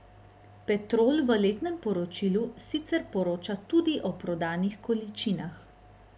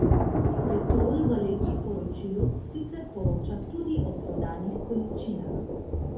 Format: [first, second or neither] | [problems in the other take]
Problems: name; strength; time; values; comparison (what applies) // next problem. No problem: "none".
first | background sound (Thunder / Rain); 4 dB above the speech // room echo; dies away in 0.5 s